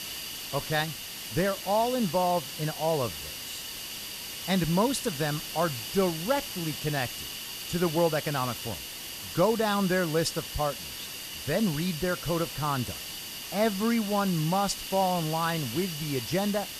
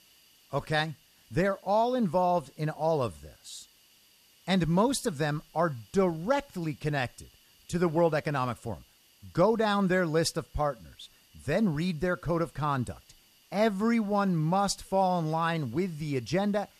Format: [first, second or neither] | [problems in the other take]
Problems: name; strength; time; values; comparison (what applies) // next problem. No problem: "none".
second | hiss; loud; throughout; 6 dB below the speech; faint in the second